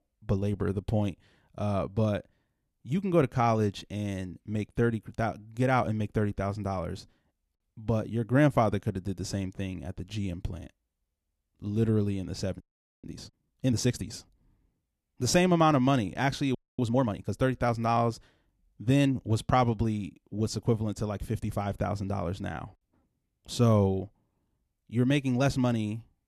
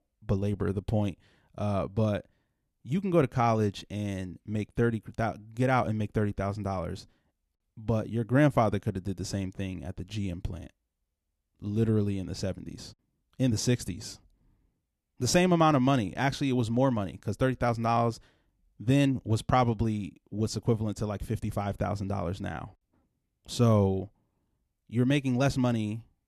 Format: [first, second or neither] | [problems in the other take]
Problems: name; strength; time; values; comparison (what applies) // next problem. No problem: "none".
second | audio freezing; at 13 s and at 17 s